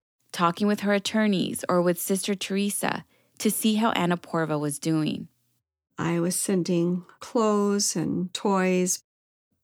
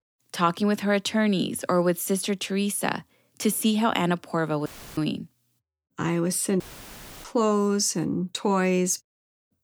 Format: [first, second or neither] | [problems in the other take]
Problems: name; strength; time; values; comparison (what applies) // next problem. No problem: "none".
first | audio cutting out; filled with static; at 4.5 s and at 6.5 s for 0.5 s